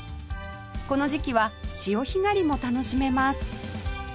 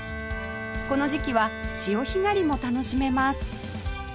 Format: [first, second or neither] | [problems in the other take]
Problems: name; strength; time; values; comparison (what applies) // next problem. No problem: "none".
first | background sound (Bowed string instrument); 11 dB below the speech